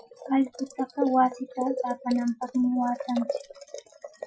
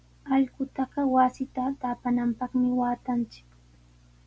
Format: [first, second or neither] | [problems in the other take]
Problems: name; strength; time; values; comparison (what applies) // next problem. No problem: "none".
second | noise reduction (classical method Wiener filter)